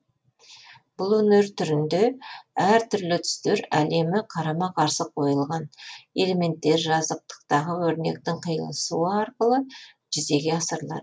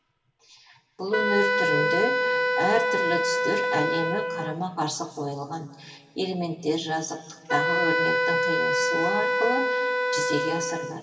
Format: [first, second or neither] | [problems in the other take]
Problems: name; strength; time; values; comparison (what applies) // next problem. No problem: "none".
first | background sound (Wind instrument, woodwind instrument); 3 dB above the speech // room echo; dies away in 2.3 s